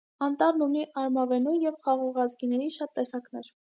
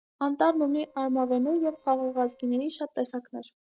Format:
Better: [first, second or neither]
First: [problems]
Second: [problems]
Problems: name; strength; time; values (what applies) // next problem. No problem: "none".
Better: first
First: none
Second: noise reduction (neural separator model SepFormer DNS4)